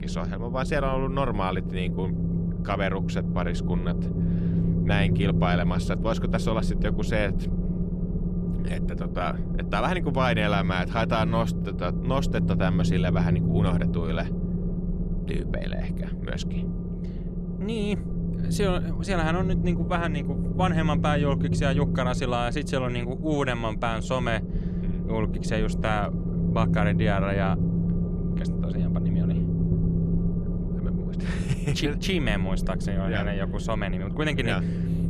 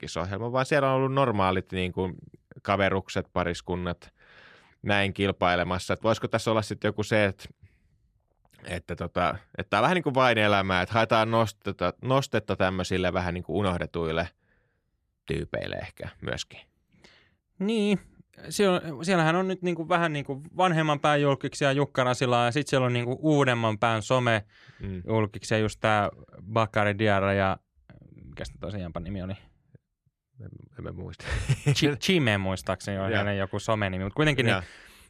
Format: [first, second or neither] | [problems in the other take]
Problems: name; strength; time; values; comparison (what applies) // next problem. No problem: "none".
second | low rumble; loud; throughout; 7 dB below the speech